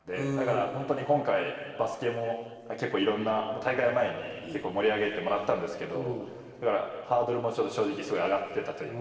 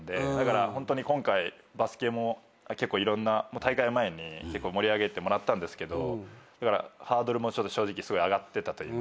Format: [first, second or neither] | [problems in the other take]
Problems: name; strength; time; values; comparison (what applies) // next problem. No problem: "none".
second | noise reduction (neural separator model SepFormer DNS4)